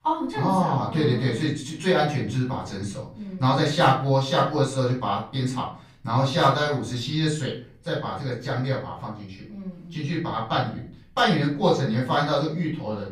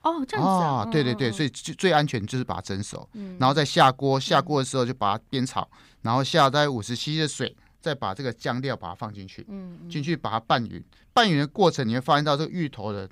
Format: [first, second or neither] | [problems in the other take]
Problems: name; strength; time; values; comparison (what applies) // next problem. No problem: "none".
second | off-mic speech; far // room echo; slight; dies away in 0.4 s